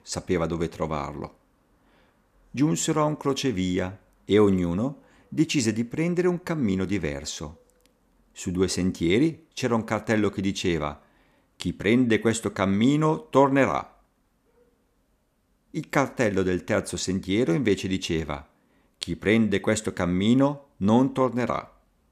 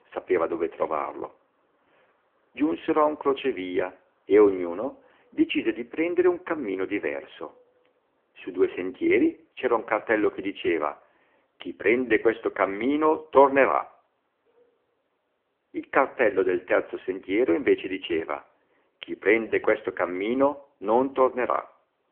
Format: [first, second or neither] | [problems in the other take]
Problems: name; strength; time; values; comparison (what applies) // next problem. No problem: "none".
first | phone-call audio; poor line; nothing above 3.5 kHz